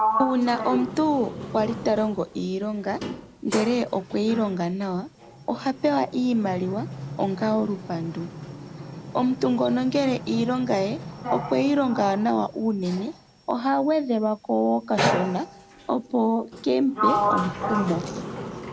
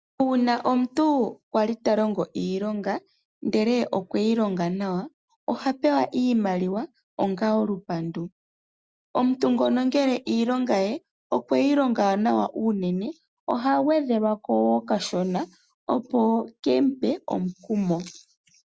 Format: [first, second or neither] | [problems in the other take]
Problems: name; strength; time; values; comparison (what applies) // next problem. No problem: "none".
second | background sound (Sliding door); 7 dB below the speech